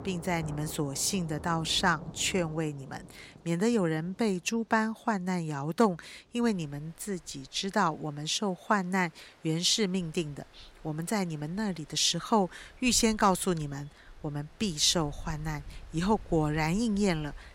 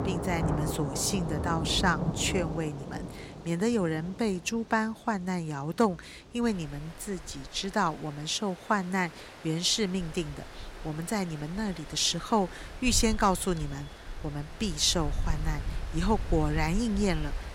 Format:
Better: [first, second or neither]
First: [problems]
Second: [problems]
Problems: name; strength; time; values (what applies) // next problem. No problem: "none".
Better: first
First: rain or running water; faint; throughout; 20 dB below the speech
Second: rain or running water; loud; throughout; 8 dB below the speech